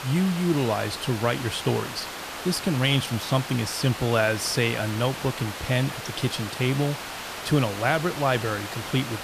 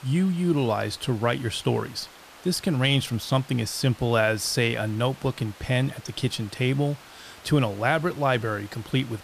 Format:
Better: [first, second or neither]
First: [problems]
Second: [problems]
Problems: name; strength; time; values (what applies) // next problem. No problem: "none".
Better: second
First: hiss; loud; throughout; 8 dB below the speech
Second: hiss; faint; throughout; 20 dB below the speech